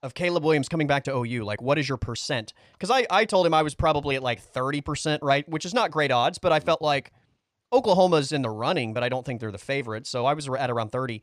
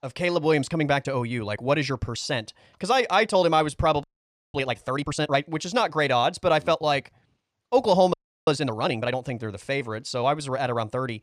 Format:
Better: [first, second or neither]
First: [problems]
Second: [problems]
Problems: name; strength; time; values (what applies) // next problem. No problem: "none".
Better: first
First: none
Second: audio freezing; at 4 s for 0.5 s and at 8 s